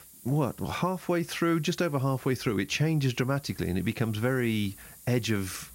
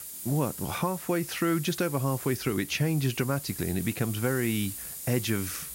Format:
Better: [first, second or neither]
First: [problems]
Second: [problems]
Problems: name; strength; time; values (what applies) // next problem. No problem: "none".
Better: first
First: hiss; faint; throughout; 20 dB below the speech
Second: hiss; loud; throughout; 8 dB below the speech